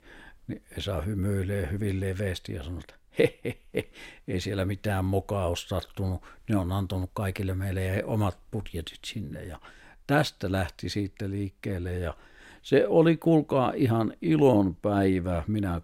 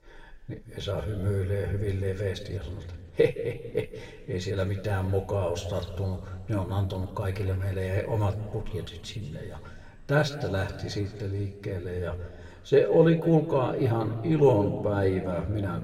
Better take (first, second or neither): first